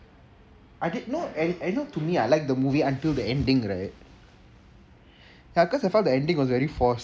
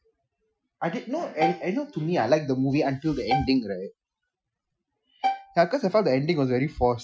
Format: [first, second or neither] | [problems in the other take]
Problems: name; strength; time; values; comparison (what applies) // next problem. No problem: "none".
first | noise reduction (classical method Wiener filter)